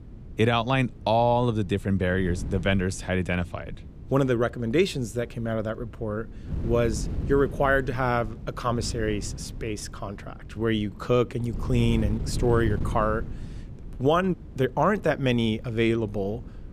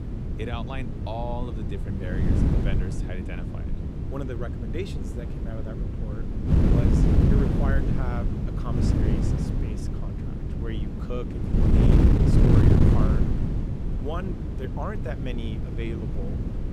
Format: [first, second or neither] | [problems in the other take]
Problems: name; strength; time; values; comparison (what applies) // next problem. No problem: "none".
first | wind noise on the microphone; heavy; 3 dB above the speech; occasional gusts in the first